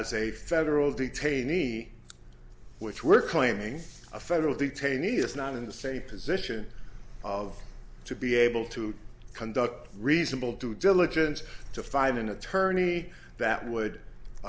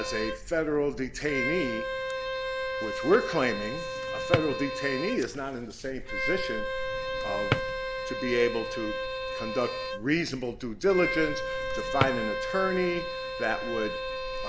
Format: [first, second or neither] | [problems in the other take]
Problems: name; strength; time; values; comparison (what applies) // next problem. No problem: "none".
first | background sound (Bowed string instrument + Drawer open or close); 3 dB below the speech